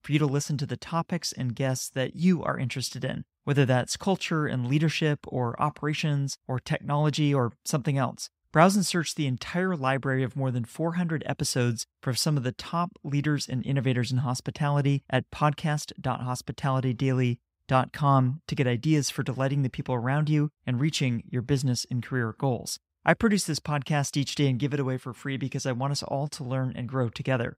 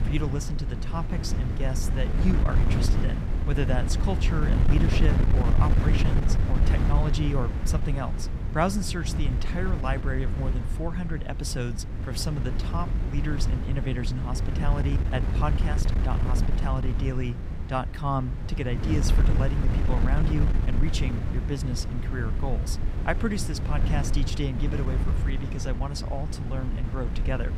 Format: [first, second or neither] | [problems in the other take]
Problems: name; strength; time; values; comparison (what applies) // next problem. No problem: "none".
first | wind noise on the microphone; heavy; 4 dB below the speech